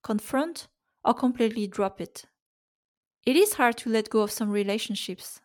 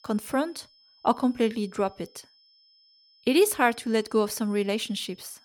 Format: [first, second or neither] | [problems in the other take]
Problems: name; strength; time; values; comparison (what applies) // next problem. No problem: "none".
first | high-pitched whine; faint; throughout; 5 kHz, 30 dB below the speech